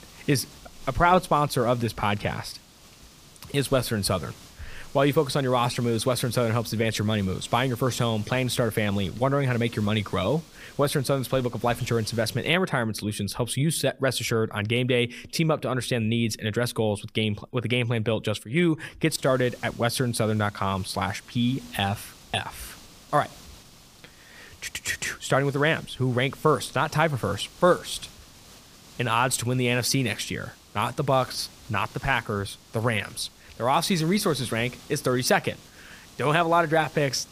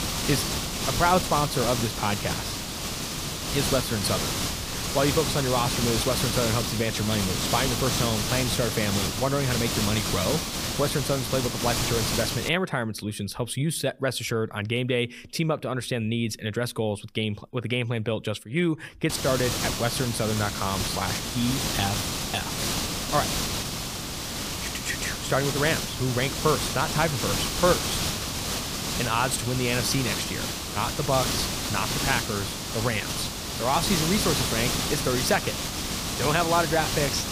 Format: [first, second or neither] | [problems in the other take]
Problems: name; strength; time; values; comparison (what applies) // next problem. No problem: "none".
first | hiss; loud; until 12 s and from 19 s on; as loud as the speech; faint in the first